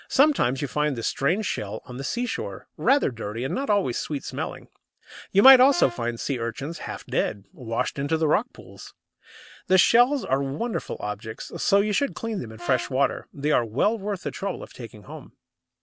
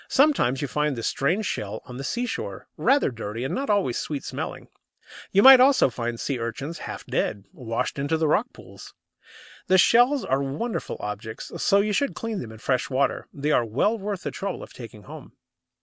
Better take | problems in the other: second | background sound (Brass instrument); 15 dB below the speech

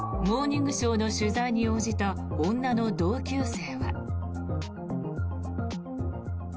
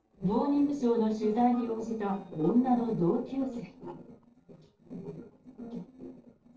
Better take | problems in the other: first | noise reduction (neural separator model SepFormer DNS4)

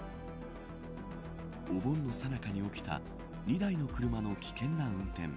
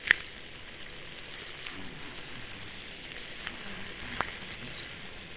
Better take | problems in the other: first | noise reduction (neural separator model SepFormer WHAMR!)

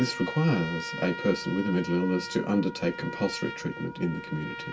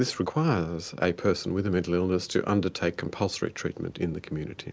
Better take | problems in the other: second | background sound (Trumpet); 10 dB below the speech // room echo; dies away in 0.2 s

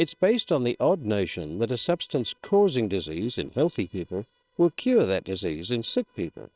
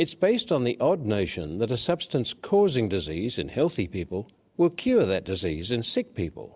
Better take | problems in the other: second | noise reduction (neural separator model SepFormer WHAM!)

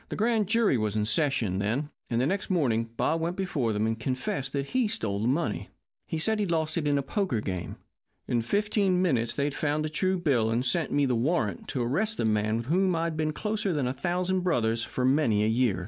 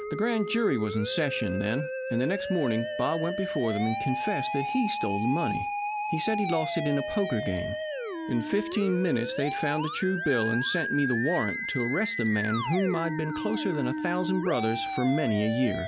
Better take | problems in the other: first | background sound (Musical instrument); 4 dB below the speech

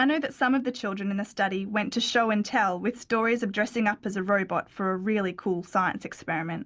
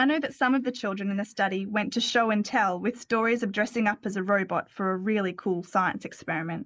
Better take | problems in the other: first | noise reduction (neural mask model Resemble Enhance denoiser)

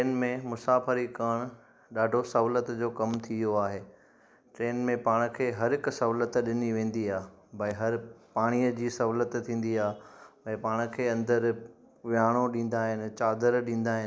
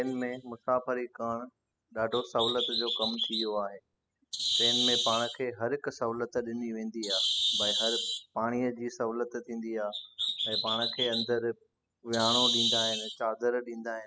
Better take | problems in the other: first | noise reduction (classical method spectral subtraction)

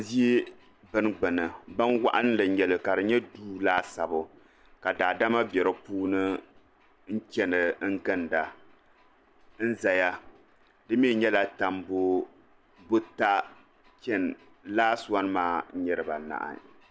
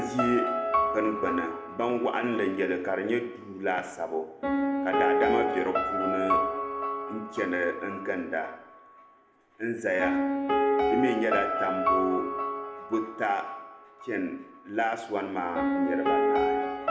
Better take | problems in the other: first | background sound (Piano); 1 dB above the speech // room echo; dies away in 0.7 s

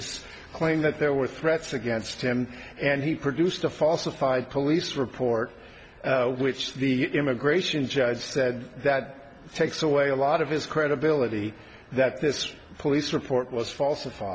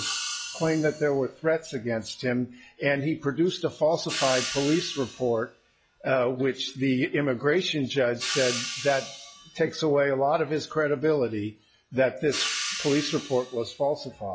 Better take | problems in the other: first | noise reduction (classical method log-MMSE)

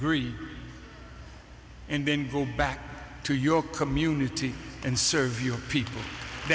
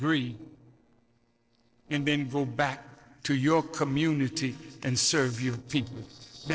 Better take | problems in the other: first | noise reduction (neural separator model SepFormer DNS4)

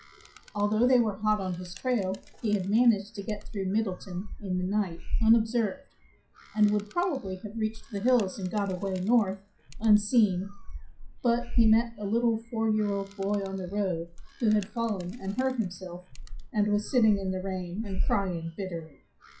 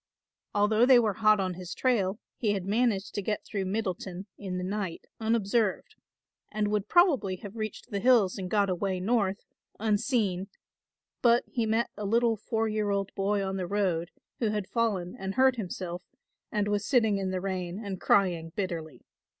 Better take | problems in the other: second | noise reduction (classical method WPE with log-MMSE)

